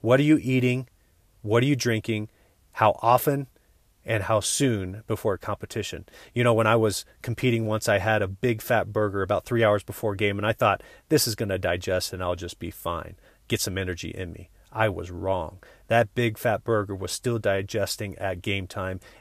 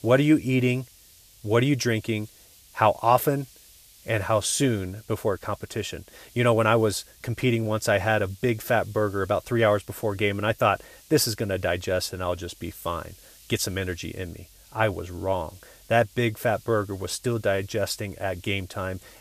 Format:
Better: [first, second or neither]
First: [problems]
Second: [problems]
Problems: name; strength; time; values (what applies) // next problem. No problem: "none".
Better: first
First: none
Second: hiss; faint; throughout; 25 dB below the speech